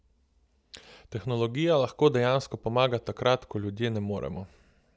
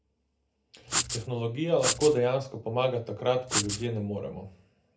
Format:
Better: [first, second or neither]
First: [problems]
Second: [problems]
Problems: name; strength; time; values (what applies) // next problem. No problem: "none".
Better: first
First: none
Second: background sound (Writing); 2 dB below the speech // room echo; dies away in 0.3 s